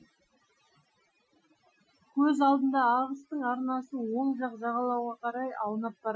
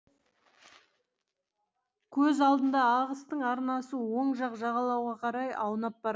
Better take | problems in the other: second | noise reduction (classical method Wiener filter)

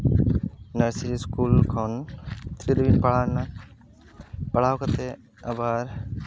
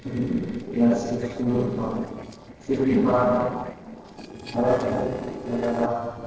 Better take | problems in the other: first | noise reduction (neural separator model SepFormer DNS4)

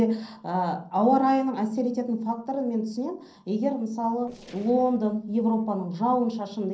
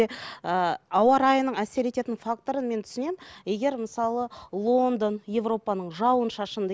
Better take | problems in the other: second | noise reduction (neural separator model SepFormer DNS4)

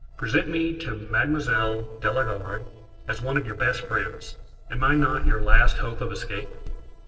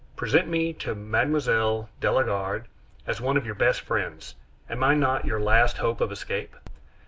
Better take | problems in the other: second | noise reduction (neural separator model SepFormer DNS4)

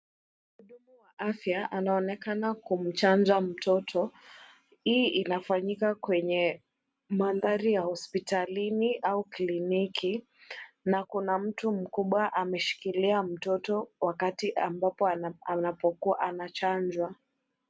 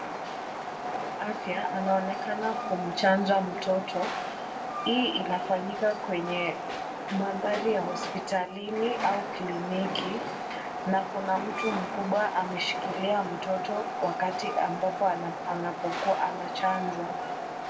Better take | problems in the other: first | background sound (Train); 4 dB below the speech // room echo; dies away in 1.2 s

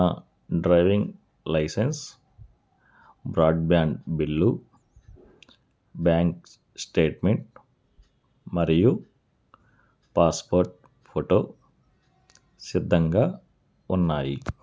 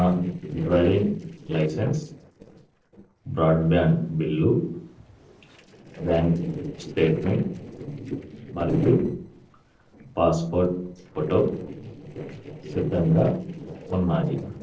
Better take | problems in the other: first | noise reduction (neural separator model SepFormer DNS4)

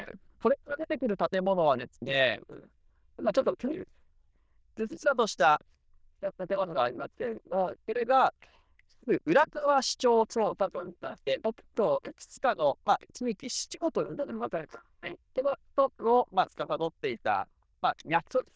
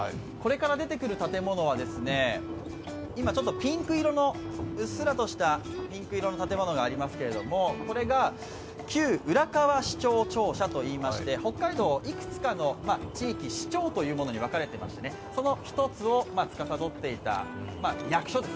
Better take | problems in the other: second | noise reduction (neural diffusion model UNIVERSE++)

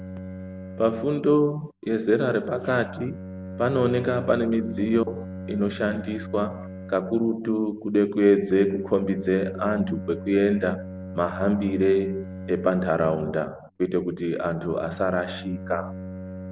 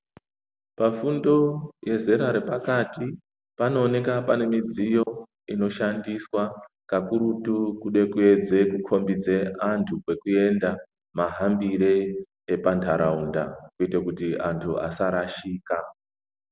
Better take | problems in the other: second | background sound (Bowed string instrument); 13 dB below the speech

